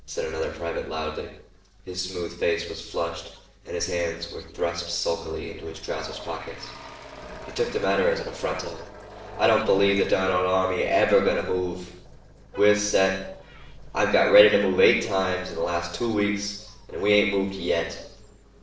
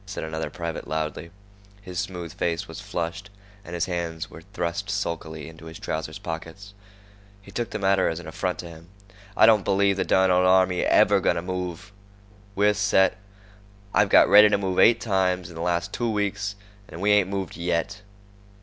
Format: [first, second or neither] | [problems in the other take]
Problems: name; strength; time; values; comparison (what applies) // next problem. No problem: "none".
second | noise reduction (neural separator model SepFormer DNS4)